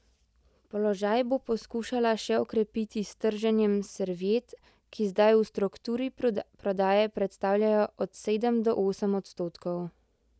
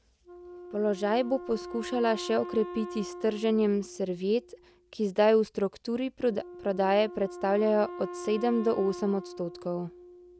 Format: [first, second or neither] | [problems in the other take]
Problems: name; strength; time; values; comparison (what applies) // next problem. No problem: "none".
first | background sound (Wind instrument, woodwind instrument); 14 dB below the speech